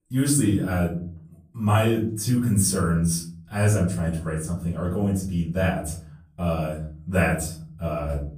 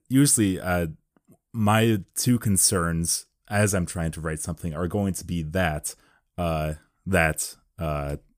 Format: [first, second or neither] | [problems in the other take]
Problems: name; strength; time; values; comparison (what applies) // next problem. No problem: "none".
second | off-mic speech; far // room echo; slight; dies away in 0.6 s